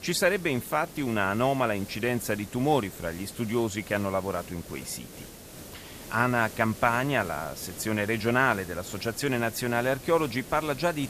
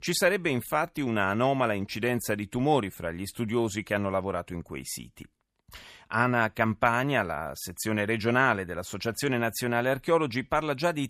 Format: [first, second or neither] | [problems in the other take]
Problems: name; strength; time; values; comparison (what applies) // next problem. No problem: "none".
second | hiss; noticeable; throughout; 15 dB below the speech